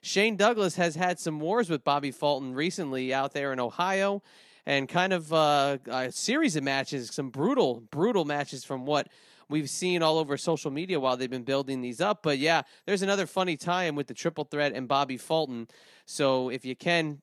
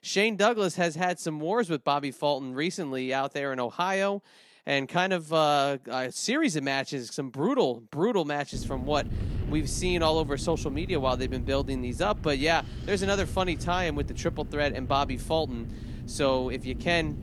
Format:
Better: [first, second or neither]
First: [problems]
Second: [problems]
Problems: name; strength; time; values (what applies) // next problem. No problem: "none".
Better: first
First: none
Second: wind noise on the microphone; occasional gusts; from 8.5 s on; 20 dB below the speech